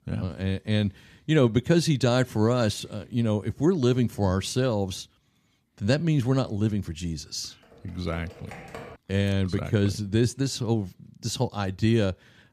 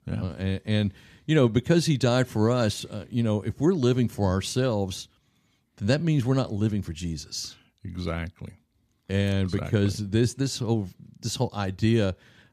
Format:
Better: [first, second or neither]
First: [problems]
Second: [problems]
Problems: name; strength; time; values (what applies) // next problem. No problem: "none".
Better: second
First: keyboard typing; faint; from 7.5 to 9 s; peak 15 dB below the speech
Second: none